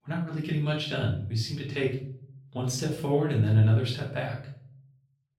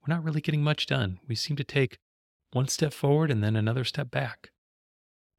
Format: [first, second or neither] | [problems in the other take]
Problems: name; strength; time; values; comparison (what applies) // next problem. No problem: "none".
second | off-mic speech; far // room echo; noticeable; dies away in 0.5 s